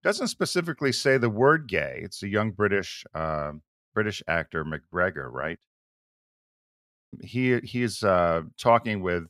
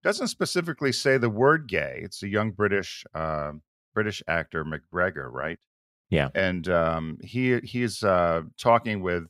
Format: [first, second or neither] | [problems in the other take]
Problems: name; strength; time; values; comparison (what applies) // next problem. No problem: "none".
second | audio freezing; at 6 s for 1 s